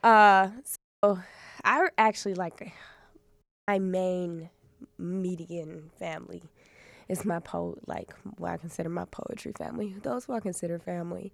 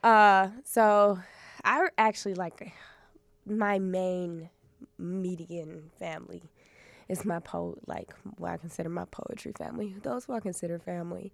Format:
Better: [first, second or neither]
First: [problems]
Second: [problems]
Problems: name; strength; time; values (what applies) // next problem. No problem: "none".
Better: second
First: audio cutting out; at 1 s and at 3.5 s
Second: none